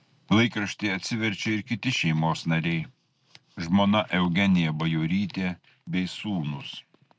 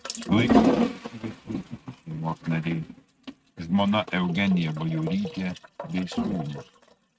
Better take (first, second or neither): first